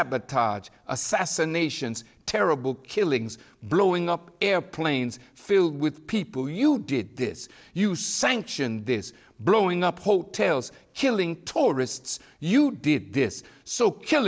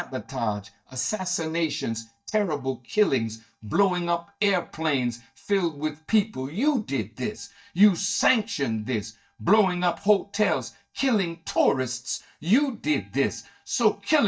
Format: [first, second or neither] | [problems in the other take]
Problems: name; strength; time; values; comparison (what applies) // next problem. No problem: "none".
first | noise reduction (neural mask model DeepFilterNet 3)